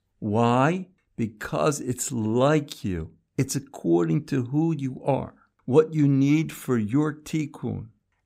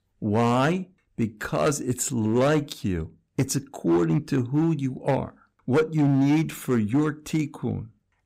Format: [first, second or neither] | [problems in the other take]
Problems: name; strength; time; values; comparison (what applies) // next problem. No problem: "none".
first | distortion; slight; 6% of the sound clipped